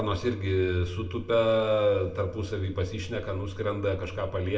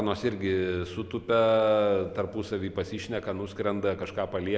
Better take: second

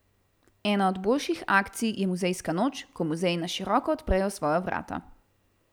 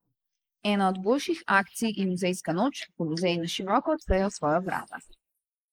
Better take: first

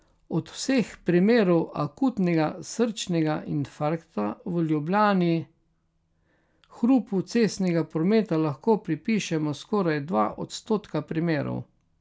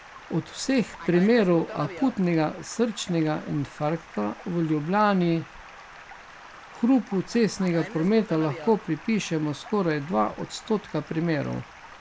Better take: first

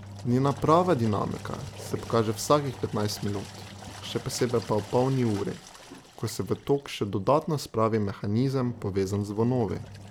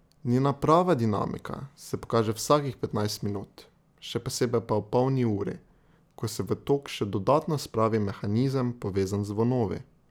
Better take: second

